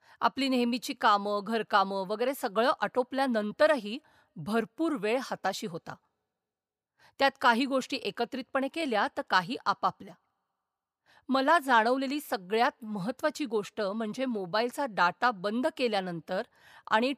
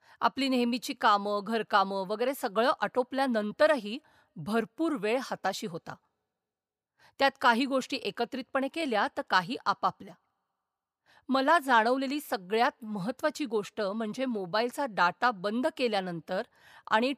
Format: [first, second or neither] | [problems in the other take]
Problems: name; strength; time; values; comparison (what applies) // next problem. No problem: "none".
neither | none